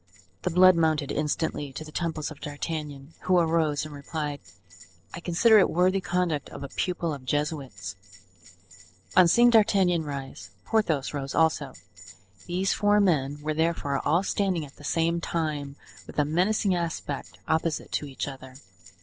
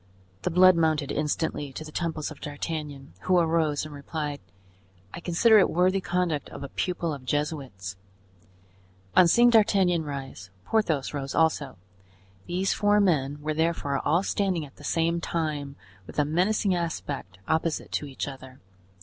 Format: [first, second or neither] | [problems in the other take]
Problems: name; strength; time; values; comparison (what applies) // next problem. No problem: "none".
second | noise reduction (neural separator model SepFormer DNS4)